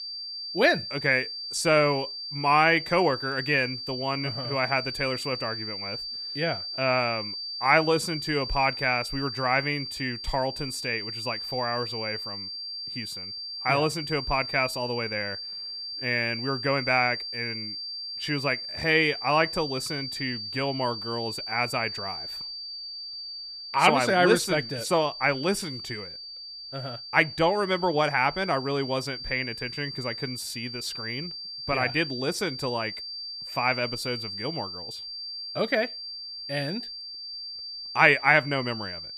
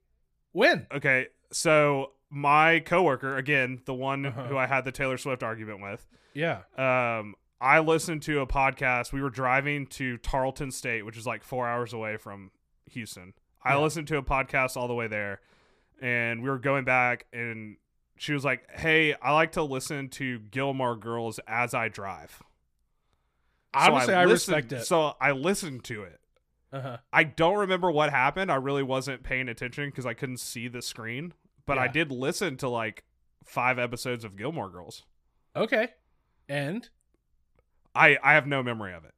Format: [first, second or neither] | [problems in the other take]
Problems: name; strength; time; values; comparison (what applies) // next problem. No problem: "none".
second | high-pitched whine; loud; throughout; 4.5 kHz, 7 dB below the speech